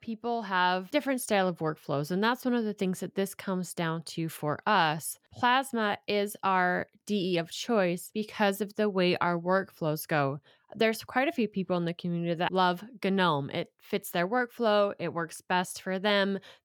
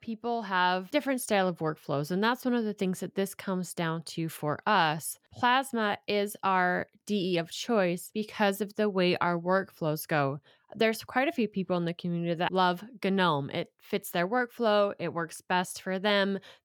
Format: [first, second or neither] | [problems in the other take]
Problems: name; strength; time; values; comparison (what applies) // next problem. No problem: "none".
neither | none